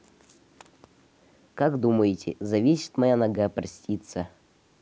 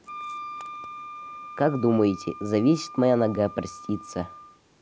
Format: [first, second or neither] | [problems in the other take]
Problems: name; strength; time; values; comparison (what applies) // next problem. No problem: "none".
first | background sound (Wind instrument, woodwind instrument); 14 dB below the speech